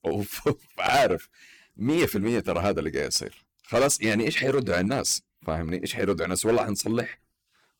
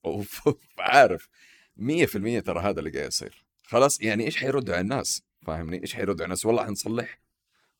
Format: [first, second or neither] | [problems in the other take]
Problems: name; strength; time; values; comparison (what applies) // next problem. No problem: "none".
second | distortion; heavy; 6% of the sound clipped